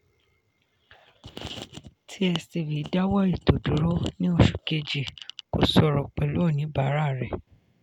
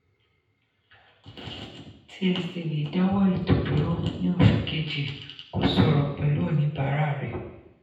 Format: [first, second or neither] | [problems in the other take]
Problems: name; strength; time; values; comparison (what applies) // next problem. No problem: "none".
first | room echo; dies away in 0.9 s